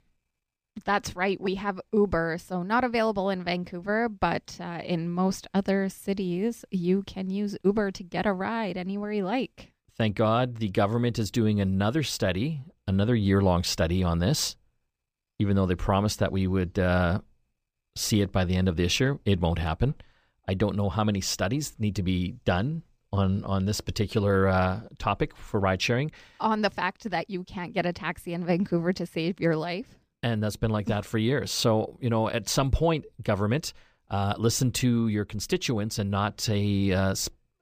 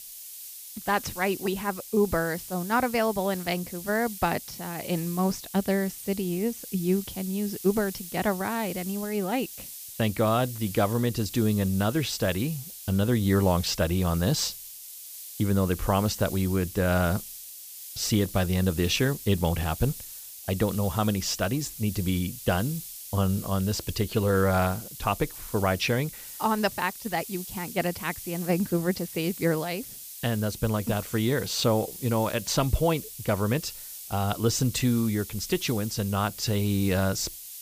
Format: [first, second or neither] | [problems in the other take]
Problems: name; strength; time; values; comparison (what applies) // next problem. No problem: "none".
first | hiss; noticeable; throughout; 10 dB below the speech